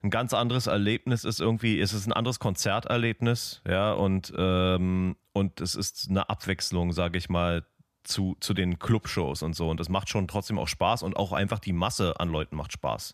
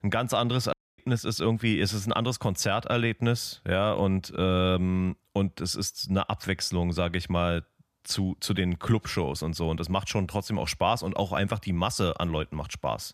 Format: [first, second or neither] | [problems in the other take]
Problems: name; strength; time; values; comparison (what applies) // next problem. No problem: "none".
first | audio cutting out; at 0.5 s